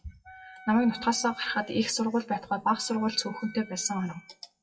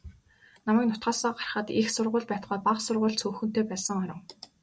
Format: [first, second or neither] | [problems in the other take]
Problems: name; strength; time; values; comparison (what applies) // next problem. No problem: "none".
second | noise reduction (classical method WPE with log-MMSE)